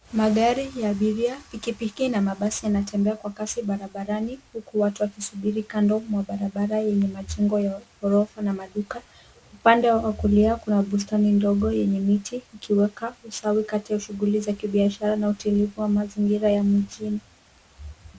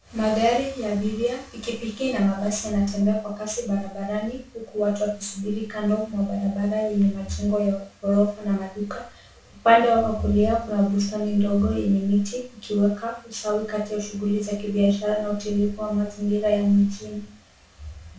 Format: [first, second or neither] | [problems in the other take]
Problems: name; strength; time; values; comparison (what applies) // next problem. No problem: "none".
first | room echo; dies away in 0.3 s